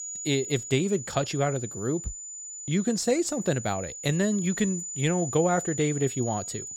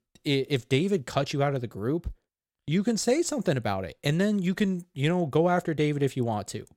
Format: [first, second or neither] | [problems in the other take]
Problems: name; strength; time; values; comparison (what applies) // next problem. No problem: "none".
second | high-pitched whine; loud; throughout; 7 kHz, 8 dB below the speech